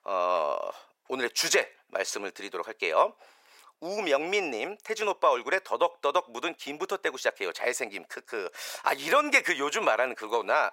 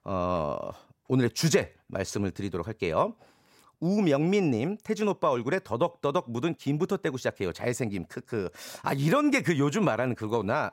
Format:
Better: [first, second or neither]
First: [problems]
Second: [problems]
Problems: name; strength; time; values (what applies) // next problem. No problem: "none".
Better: second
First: thin; very; fading below 500 Hz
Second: none